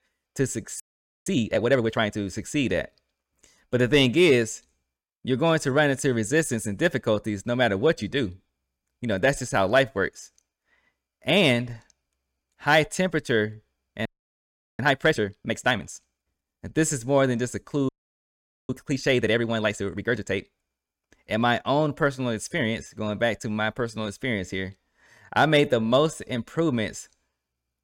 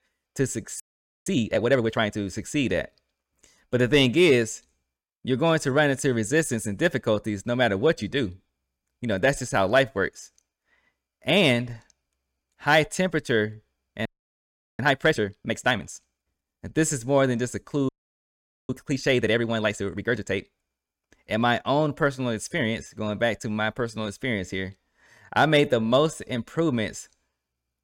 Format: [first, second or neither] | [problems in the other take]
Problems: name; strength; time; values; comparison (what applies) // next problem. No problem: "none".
neither | audio freezing; at 1 s, at 14 s for 0.5 s and at 18 s for 1 s; the same in both